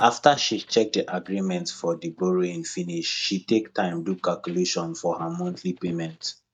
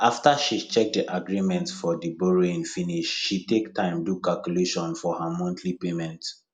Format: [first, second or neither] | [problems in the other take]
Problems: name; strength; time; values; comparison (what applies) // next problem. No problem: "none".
second | noise reduction (neural mask model DeepFilterNet 3)